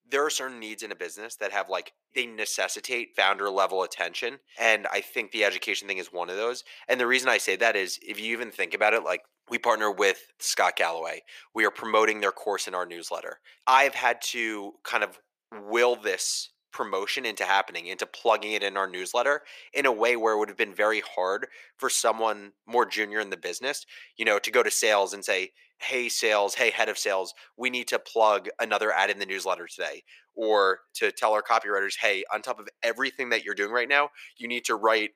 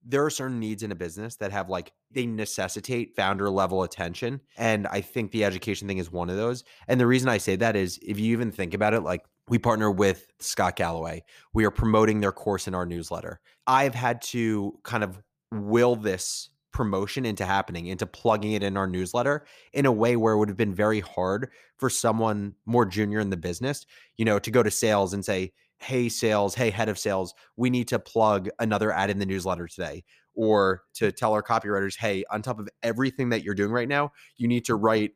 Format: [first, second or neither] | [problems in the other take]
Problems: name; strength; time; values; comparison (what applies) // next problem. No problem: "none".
second | thin; very; fading below 450 Hz